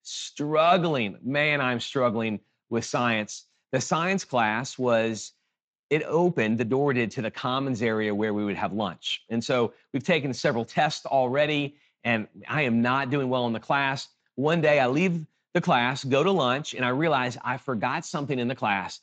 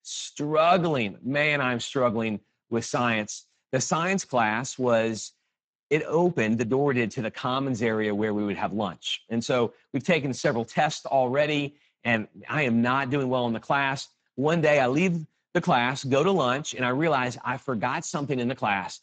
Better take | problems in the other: first | garbled, watery; badly; nothing above 7.5 kHz; slightly in the first

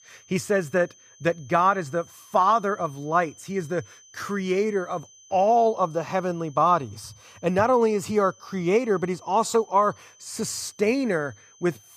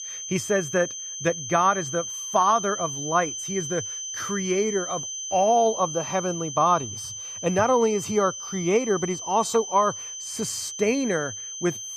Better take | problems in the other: first | high-pitched whine; loud; throughout; 6 kHz, 7 dB below the speech; faint in the first

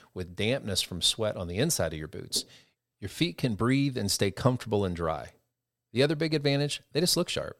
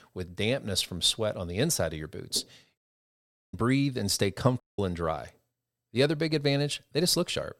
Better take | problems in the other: first | audio cutting out; at 3 s for 1 s and at 4.5 s

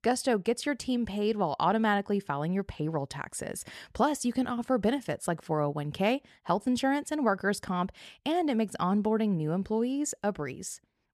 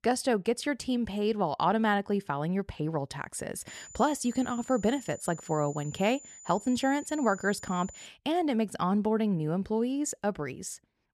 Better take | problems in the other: first | high-pitched whine; noticeable; from 3.5 to 8 s; 7 kHz, 15 dB below the speech

